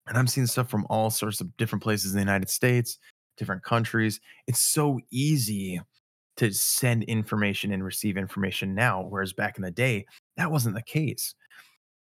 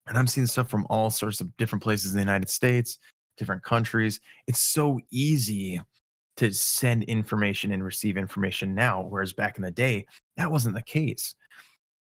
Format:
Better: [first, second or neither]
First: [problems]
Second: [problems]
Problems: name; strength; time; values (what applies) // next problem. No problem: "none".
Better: first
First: none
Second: garbled, watery; slightly; nothing above 17.5 kHz